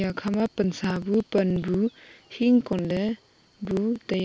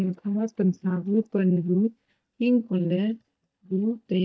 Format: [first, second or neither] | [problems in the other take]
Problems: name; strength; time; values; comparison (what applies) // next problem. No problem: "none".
first | noise reduction (neural mask model DeepFilterNet 3)